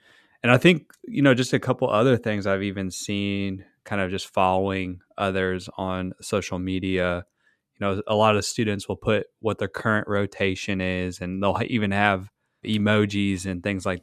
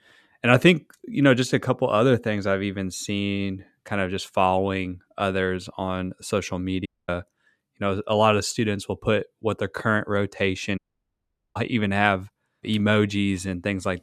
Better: first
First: none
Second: audio cutting out; at 7 s and at 11 s for 1 s

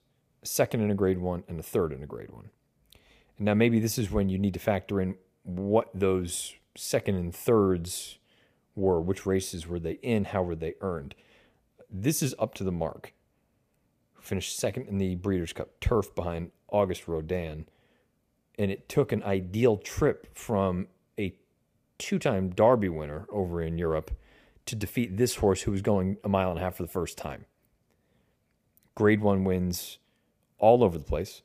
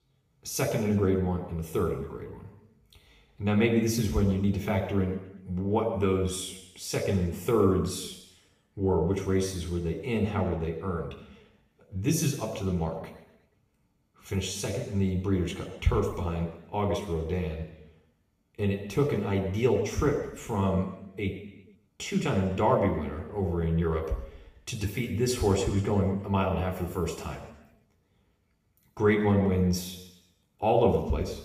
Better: first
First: none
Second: room echo; noticeable; dies away in 0.9 s // off-mic speech; far

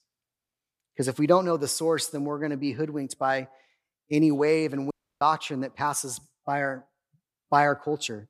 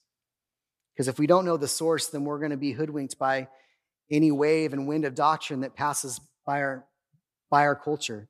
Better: second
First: audio cutting out; at 5 s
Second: none

